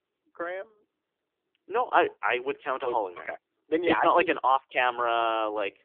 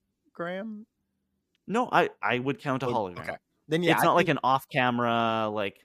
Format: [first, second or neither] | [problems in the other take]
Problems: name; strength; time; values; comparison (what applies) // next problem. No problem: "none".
second | phone-call audio